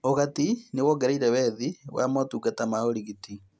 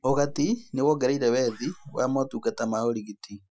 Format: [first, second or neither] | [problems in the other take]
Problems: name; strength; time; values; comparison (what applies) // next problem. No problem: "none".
first | noise reduction (classical method Wiener filter)